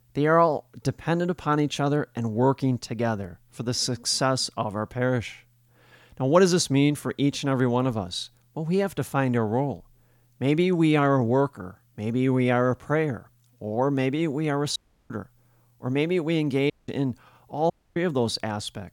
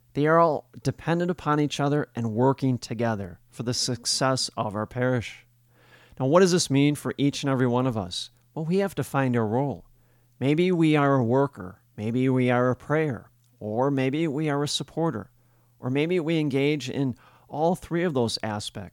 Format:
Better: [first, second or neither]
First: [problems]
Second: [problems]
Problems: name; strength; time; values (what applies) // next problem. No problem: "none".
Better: second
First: audio cutting out; at 15 s, at 17 s and at 18 s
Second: none